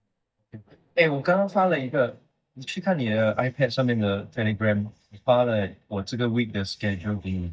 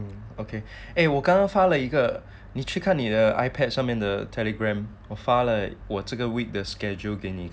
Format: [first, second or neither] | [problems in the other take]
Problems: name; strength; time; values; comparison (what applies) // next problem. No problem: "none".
second | noise reduction (neural mask model DeepFilterNet 3)